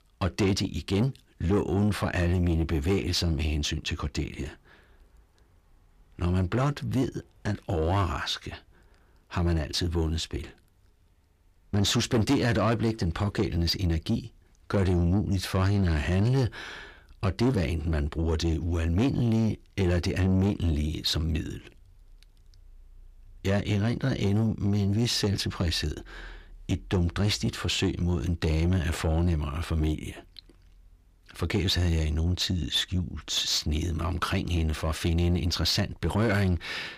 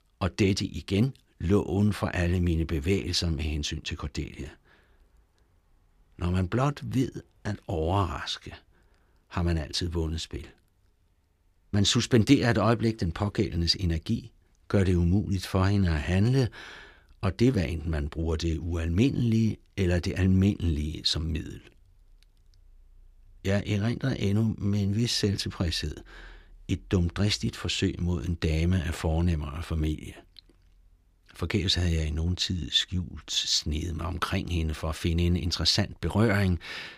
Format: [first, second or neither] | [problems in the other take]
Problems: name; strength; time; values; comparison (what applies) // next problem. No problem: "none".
second | distortion; slight; 10 dB below the speech